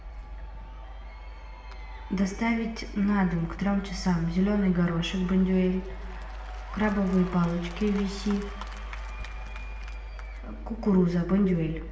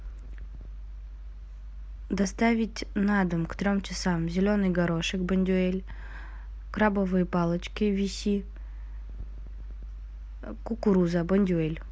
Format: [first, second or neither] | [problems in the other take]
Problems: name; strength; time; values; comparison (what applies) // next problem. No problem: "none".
second | background sound (Applause / Crowd / Cheering); 19 dB below the speech // room echo; dies away in 0.7 s